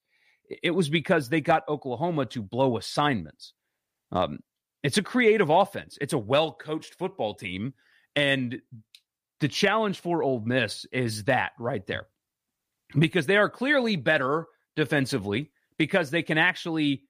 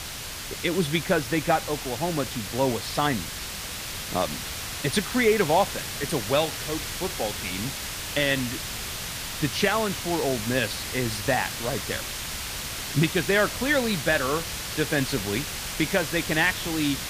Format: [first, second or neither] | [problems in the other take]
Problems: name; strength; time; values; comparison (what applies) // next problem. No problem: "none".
first | hiss; loud; throughout; 5 dB below the speech